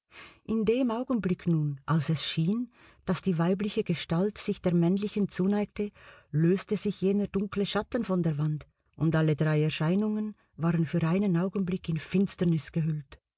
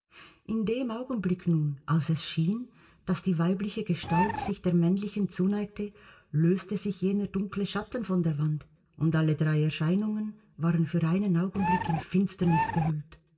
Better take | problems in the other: first | background sound (Bird); 2 dB below the speech // room echo; dies away in 0.7 s

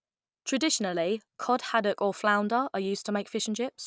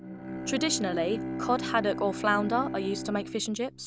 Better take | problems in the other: first | background sound (Bowed string instrument); 6 dB below the speech

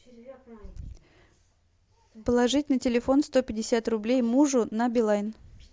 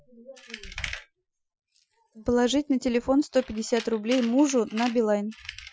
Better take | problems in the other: first | noise reduction (classical method Wiener filter)

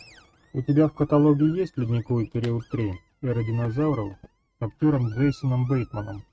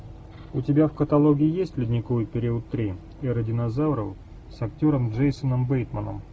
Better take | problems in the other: second | noise reduction (neural mask model RNNoise)

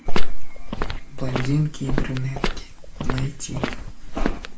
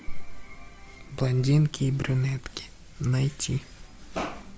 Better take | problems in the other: second | background sound (Walk, footsteps); 8 dB below the speech // room echo; dies away in 0.3 s

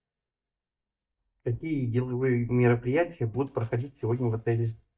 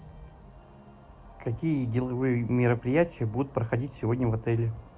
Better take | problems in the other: second | noise reduction (neural mask model DeepFilterNet 3)

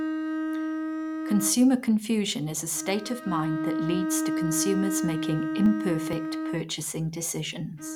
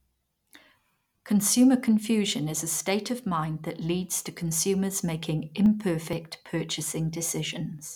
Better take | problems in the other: second | background sound (Bowed string instrument); 3 dB below the speech

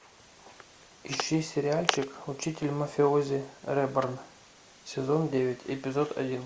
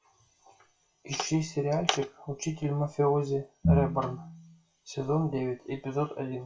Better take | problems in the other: first | noise reduction (classical method WPE with log-MMSE)

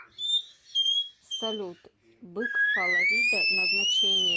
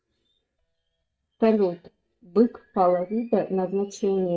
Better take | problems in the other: first | noise reduction (neural mask model DeepFilterNet 3)

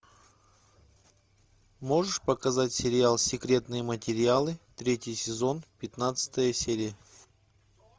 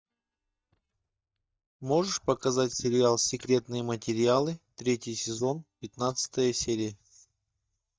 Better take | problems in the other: first | noise reduction (neural mask model DeepFilterNet 3)

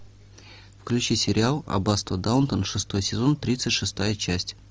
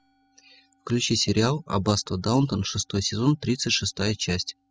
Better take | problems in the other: first | noise reduction (classical method spectral subtraction)

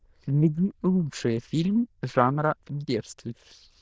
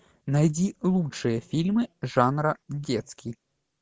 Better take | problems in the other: second | noise reduction (neural diffusion model UNIVERSE++)

